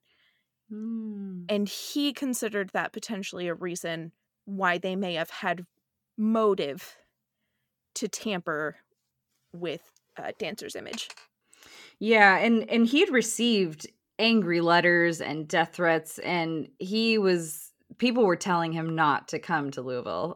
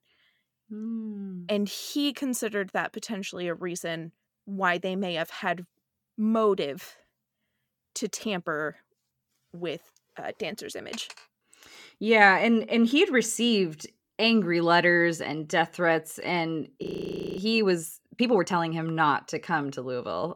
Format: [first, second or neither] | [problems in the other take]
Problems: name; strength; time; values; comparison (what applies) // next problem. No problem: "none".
first | audio freezing; at 17 s for 0.5 s